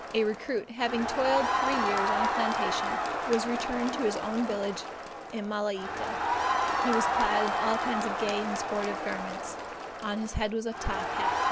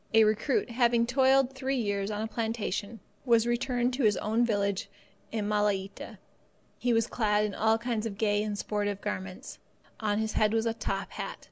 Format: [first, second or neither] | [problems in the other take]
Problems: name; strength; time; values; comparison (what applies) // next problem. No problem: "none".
second | background sound (Crowd); 1 dB above the speech